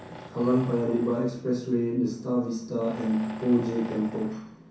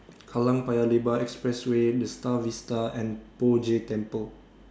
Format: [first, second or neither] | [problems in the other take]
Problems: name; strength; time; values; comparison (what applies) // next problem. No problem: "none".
second | background sound (Tools); 17 dB below the speech // room echo; dies away in 0.6 s